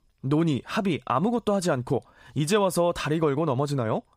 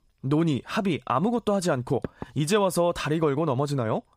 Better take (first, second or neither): first